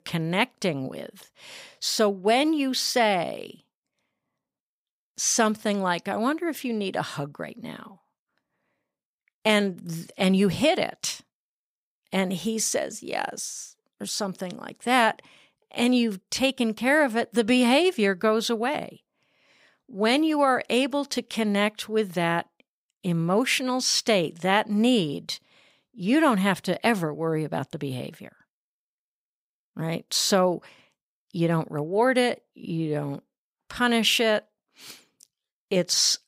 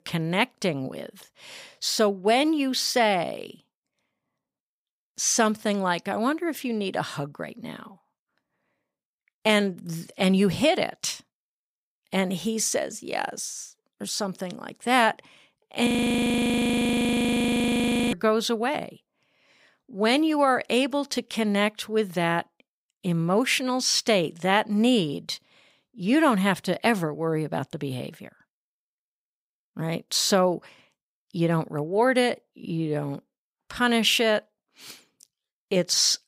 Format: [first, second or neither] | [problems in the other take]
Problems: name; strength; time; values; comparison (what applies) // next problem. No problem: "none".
first | audio freezing; at 16 s for 2.5 s